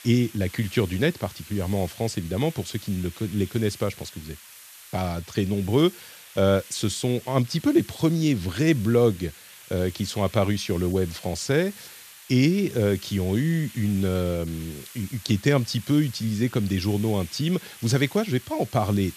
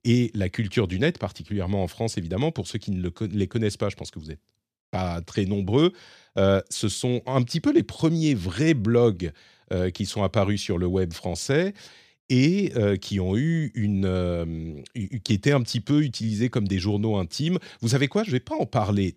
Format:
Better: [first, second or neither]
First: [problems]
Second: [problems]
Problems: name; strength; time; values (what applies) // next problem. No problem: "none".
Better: second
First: hiss; noticeable; throughout; 20 dB below the speech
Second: none